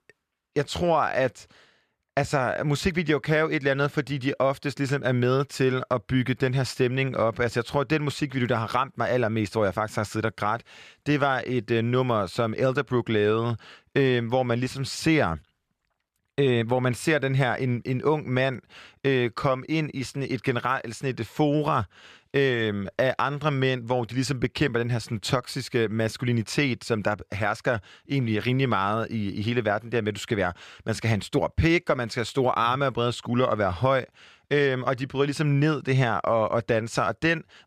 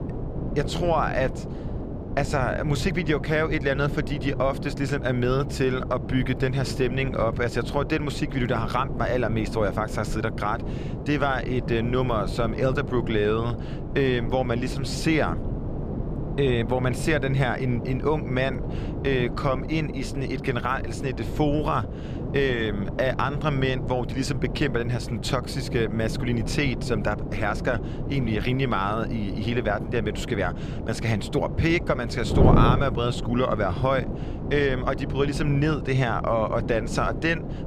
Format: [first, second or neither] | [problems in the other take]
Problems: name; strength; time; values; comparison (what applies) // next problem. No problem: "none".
first | wind noise on the microphone; occasional gusts; 10 dB below the speech